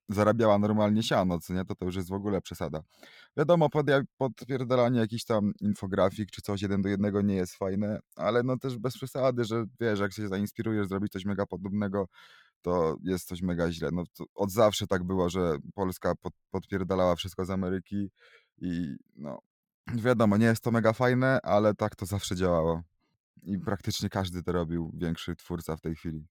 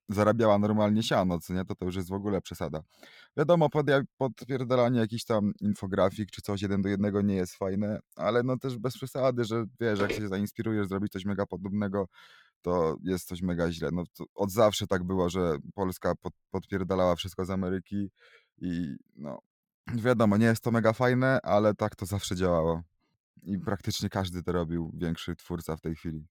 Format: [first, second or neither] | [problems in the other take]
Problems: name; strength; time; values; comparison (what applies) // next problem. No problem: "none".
first | footsteps; noticeable; at 10 s; peak 6 dB below the speech